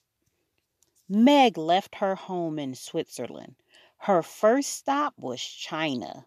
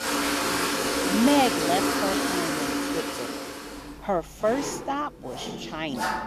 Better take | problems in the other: first | household noises; very loud; throughout; 2 dB above the speech

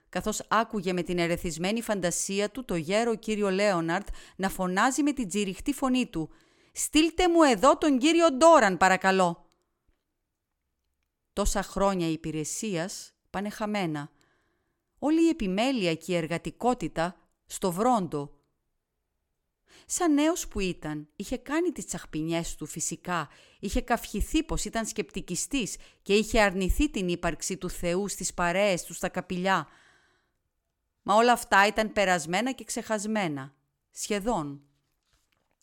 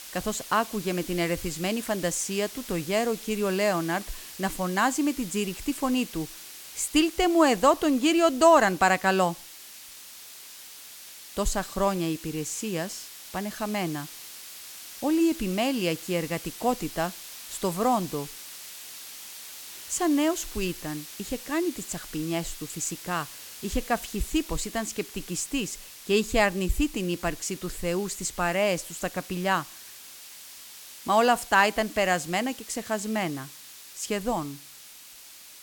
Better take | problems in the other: first | hiss; noticeable; throughout; 15 dB below the speech

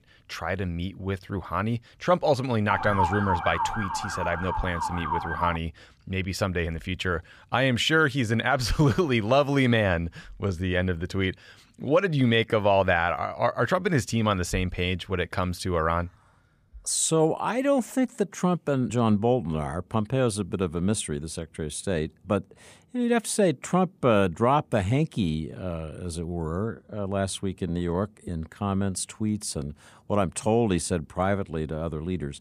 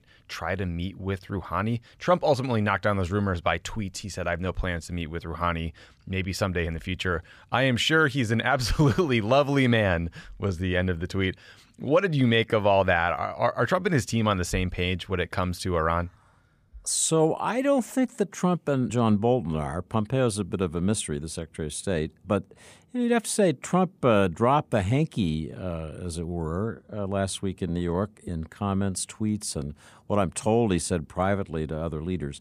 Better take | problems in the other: second | siren; loud; from 2.5 to 5.5 s; peak level with the speech

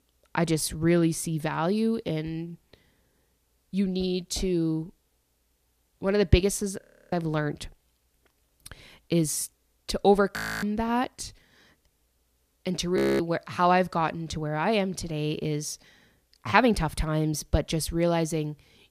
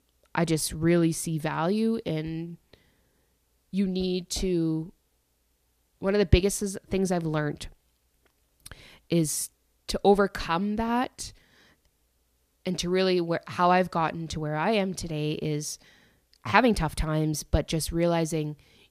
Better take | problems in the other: second | audio freezing; at 7 s, at 10 s and at 13 s

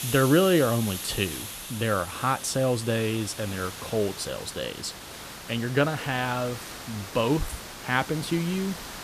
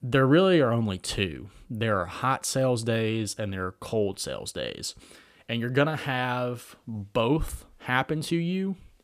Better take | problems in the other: second | hiss; loud; throughout; 10 dB below the speech

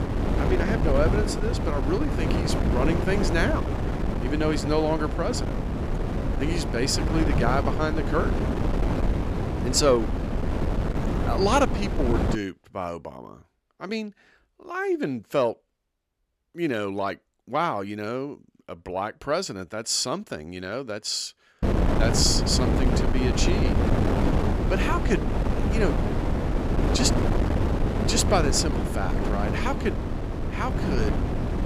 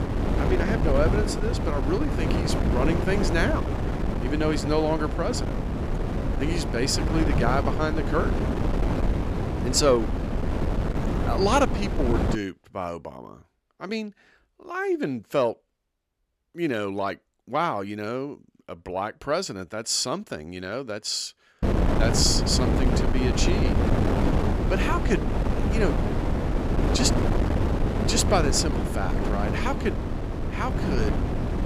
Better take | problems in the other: neither | wind noise on the microphone; heavy; until 12 s and from 22 s on; 4 dB below the speech; the same in both

